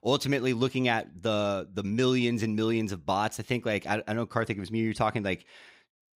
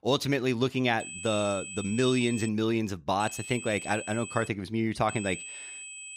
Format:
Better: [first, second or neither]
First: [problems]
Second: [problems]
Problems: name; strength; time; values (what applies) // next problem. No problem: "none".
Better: first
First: none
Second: high-pitched whine; noticeable; from 1 to 2.5 s, from 3 to 4.5 s and from 5 s on; 2.5 kHz, 10 dB below the speech